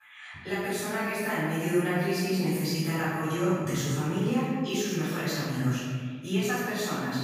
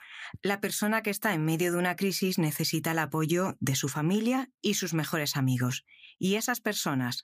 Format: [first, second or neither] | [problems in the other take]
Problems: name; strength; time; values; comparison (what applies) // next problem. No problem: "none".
second | off-mic speech; far // room echo; strong; dies away in 1.7 s